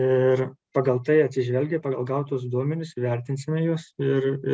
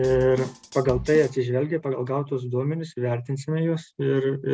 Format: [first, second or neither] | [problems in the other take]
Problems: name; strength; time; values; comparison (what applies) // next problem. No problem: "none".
first | background sound (Drum kit); 15 dB below the speech